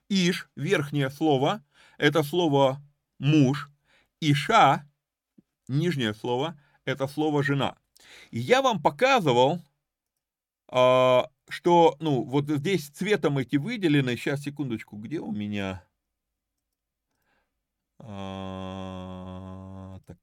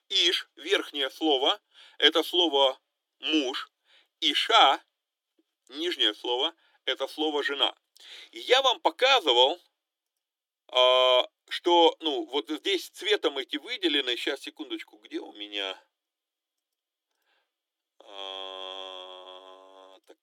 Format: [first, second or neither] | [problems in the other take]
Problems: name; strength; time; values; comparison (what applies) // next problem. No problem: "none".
first | thin; very; fading below 300 Hz